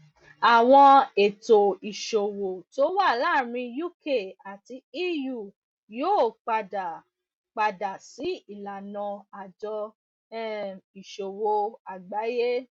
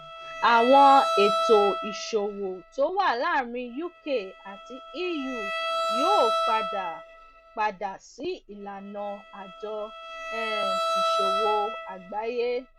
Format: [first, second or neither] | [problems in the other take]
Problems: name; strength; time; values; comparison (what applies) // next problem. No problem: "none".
first | background sound (Bowed string instrument); 4 dB below the speech